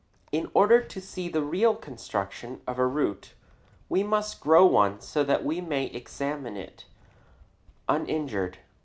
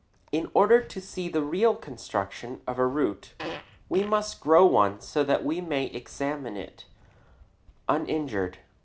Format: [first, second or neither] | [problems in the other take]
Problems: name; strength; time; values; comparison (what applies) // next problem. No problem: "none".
first | background sound (Fart); 13 dB below the speech